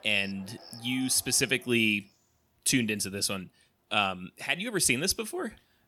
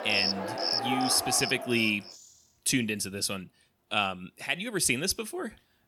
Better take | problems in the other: first | animal sounds; loud; until 2 s; 1 dB below the speech; faint in the first

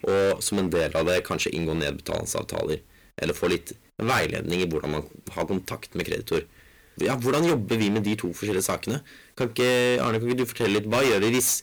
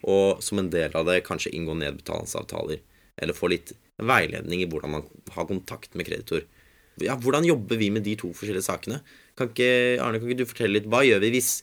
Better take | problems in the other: second | distortion; heavy; 12% of the sound clipped

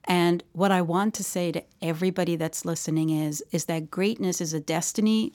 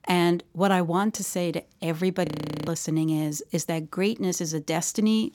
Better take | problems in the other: first | audio freezing; at 2.5 s

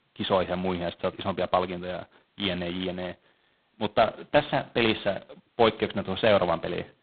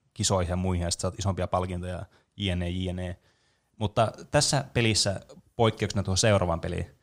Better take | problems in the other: second | phone-call audio; poor line; nothing above 4 kHz

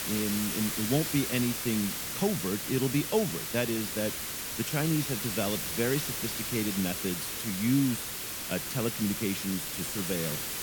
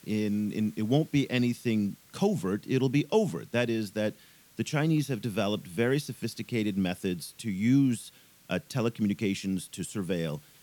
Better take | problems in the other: second | hiss; loud; throughout; 1 dB below the speech; faint in the second

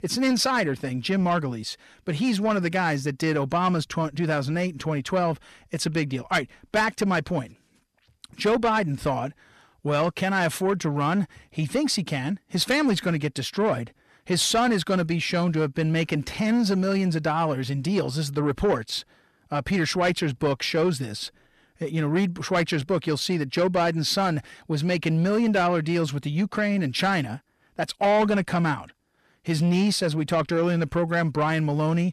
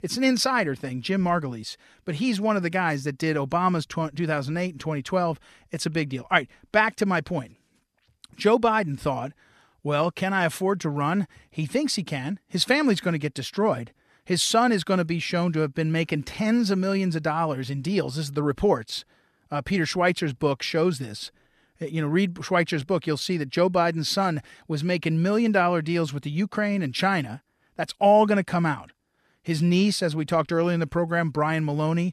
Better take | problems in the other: second | distortion; slight; 10 dB below the speech

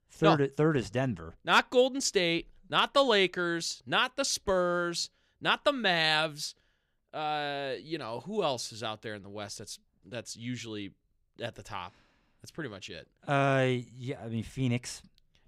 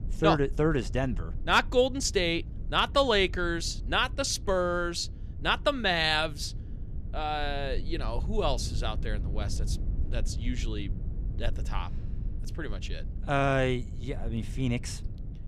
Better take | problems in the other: first | low rumble; faint; throughout; 25 dB below the speech

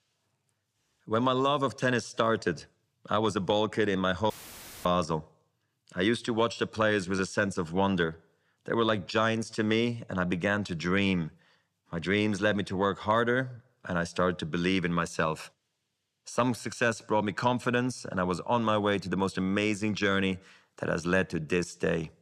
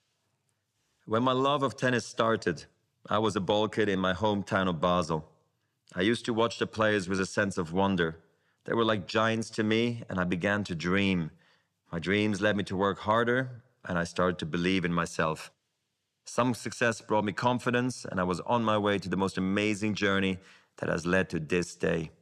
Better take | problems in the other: second | audio cutting out; filled with static; at 4.5 s for 0.5 s

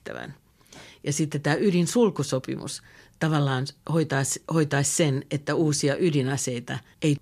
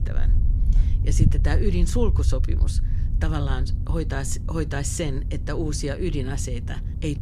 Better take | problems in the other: first | low rumble; loud; throughout; 10 dB below the speech

